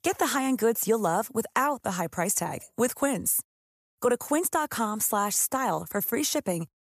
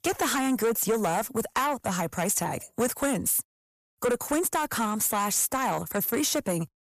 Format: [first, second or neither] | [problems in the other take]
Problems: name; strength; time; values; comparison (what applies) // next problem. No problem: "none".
first | distortion; slight; 10 dB below the speech